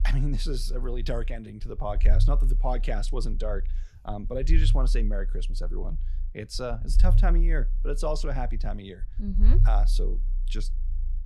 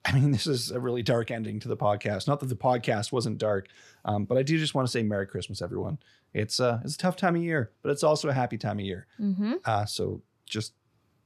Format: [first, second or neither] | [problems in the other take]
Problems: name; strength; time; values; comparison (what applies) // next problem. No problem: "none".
second | low rumble; noticeable; throughout; 15 dB below the speech